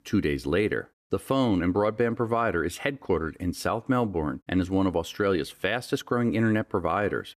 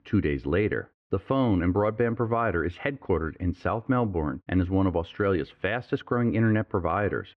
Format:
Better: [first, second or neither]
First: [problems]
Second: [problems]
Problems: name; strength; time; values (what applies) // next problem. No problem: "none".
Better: first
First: none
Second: muffled; very; fading above 2.5 kHz